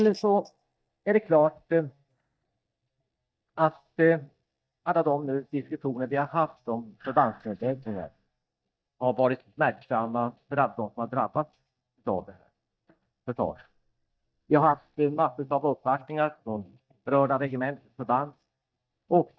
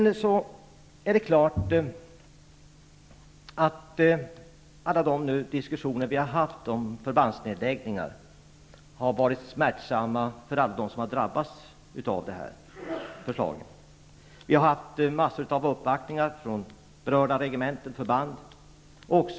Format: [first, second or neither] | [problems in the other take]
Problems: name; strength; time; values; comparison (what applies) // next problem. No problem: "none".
second | noise reduction (neural mask model DeepFilterNet 3)